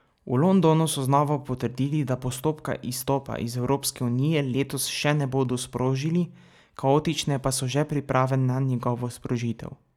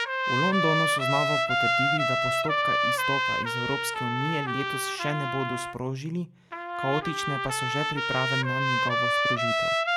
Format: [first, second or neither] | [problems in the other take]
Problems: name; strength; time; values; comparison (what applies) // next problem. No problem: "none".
first | background sound (Trumpet); 4 dB above the speech